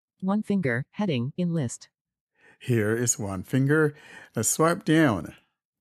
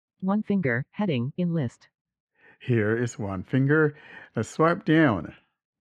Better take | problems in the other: first | muffled; very; fading above 2.5 kHz

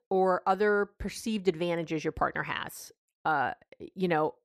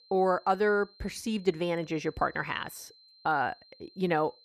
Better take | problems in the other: first | high-pitched whine; faint; throughout; 4 kHz, 25 dB below the speech

